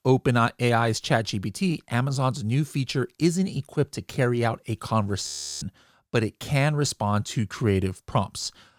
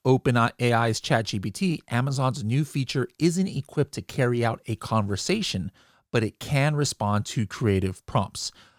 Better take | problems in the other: second | audio freezing; at 5.5 s

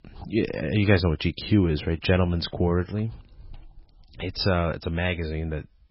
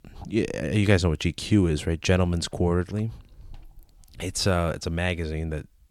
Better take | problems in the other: second | garbled, watery; badly; nothing above 5.5 kHz

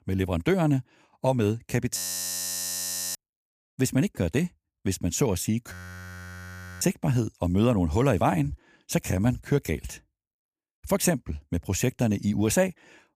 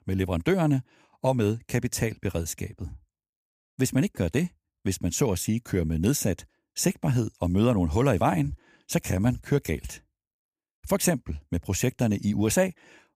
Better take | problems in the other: second | audio freezing; at 2 s for 1 s and at 5.5 s for 1 s

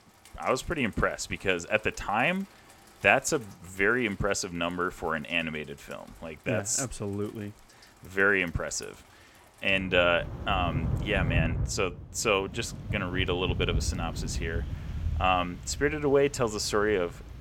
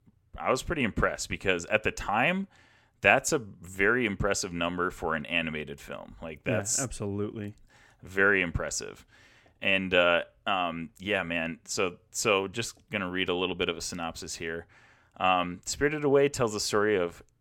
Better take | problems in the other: second | rain or running water; loud; throughout; 7 dB below the speech

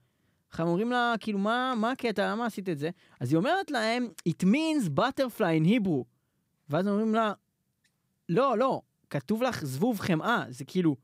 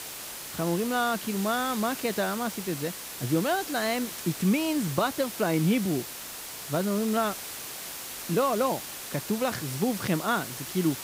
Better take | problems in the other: first | hiss; loud; throughout; 7 dB below the speech

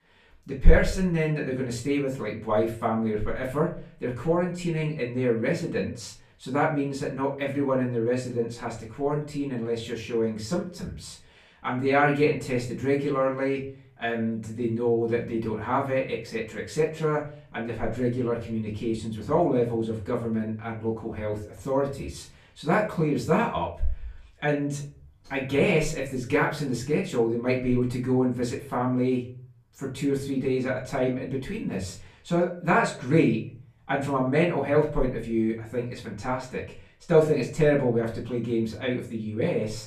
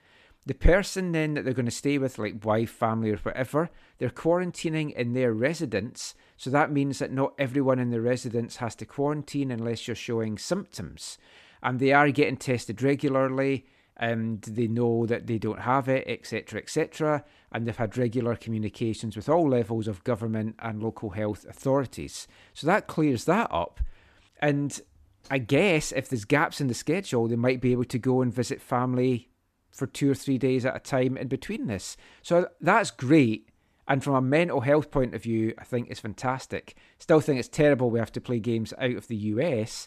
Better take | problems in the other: second | room echo; slight; dies away in 0.4 s // off-mic speech; far

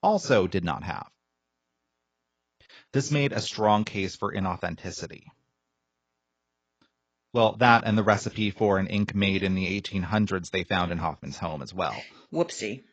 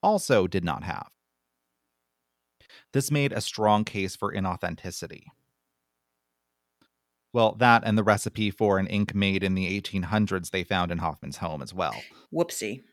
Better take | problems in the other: second | garbled, watery; badly; nothing above 7.5 kHz

